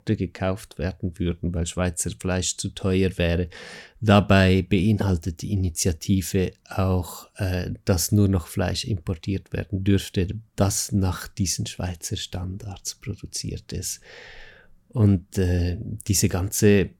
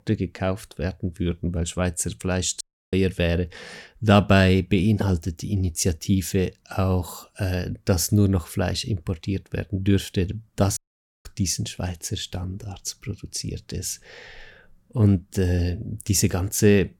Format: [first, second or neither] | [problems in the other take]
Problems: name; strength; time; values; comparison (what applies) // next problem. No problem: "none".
first | audio cutting out; at 2.5 s and at 11 s